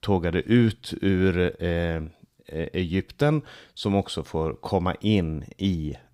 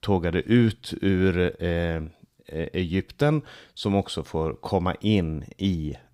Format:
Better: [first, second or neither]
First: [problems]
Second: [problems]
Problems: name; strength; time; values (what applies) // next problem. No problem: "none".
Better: neither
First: none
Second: none